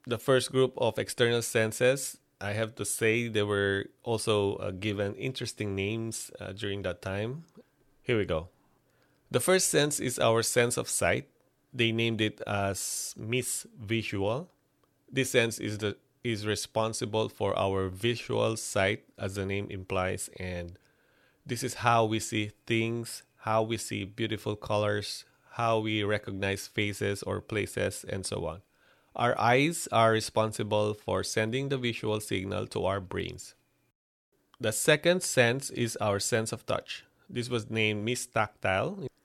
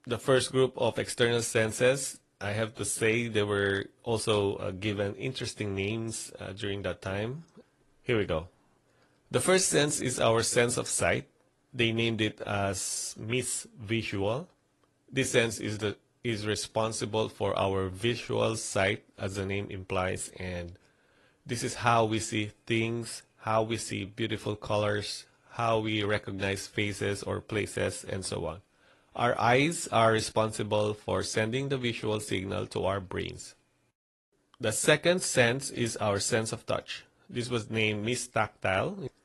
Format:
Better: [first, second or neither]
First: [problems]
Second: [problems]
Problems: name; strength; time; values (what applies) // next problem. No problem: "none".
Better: first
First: none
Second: garbled, watery; slightly; nothing above 11 kHz